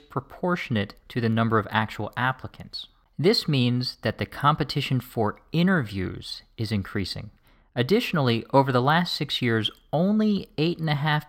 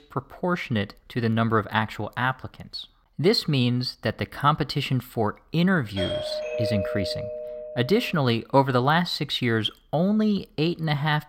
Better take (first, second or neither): first